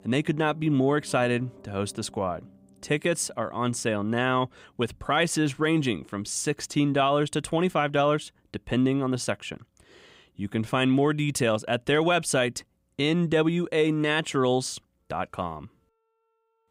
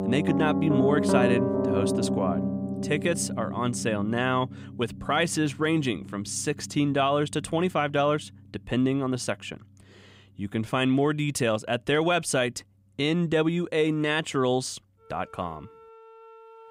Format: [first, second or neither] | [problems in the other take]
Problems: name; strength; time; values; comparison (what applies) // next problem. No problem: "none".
first | background music; loud; throughout; 2 dB below the speech; faint in the first